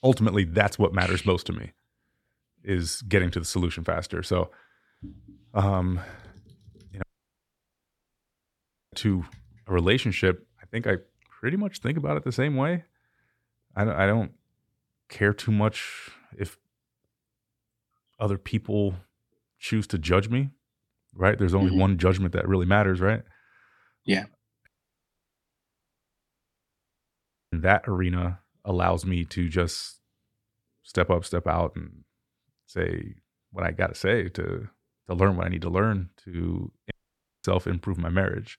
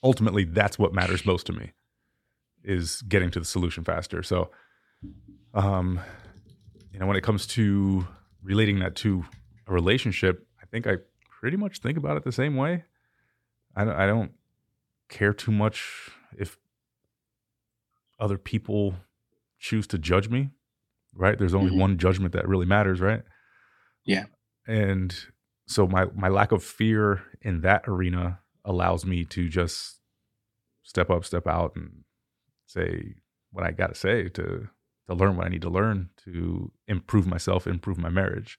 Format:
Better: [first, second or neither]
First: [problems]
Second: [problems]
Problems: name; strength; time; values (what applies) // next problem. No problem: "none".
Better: second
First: audio cutting out; at 7 s for 2 s, at 25 s for 3 s and at 37 s for 0.5 s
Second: none